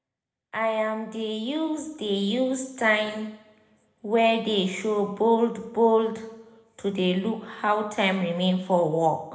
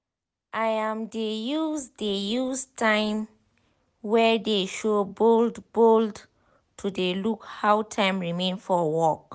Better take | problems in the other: second | room echo; dies away in 0.9 s

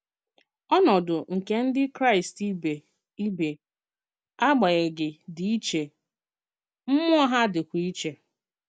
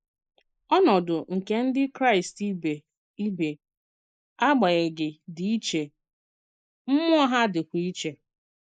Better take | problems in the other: first | noise reduction (neural mask model Resemble Enhance denoiser)

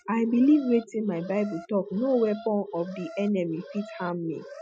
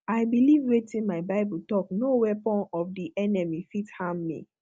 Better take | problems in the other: second | noise reduction (classical method Wiener filter)

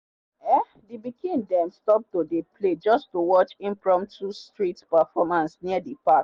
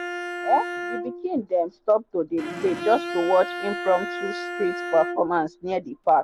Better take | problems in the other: first | background sound (Bowed string instrument); 8 dB below the speech

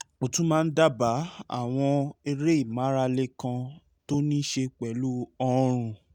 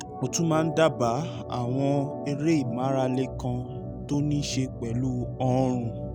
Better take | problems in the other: first | background sound (Organ); 7 dB below the speech

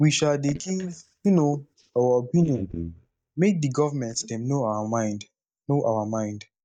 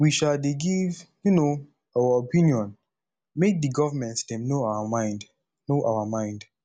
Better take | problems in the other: second | noise reduction (neural mask model DeepFilterNet 3)

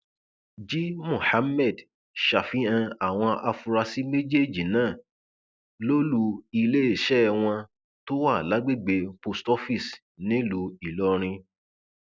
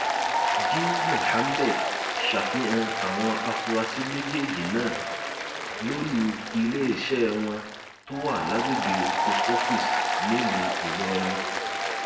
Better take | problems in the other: first | background sound (Applause); 1 dB above the speech // room echo; dies away in 0.7 s

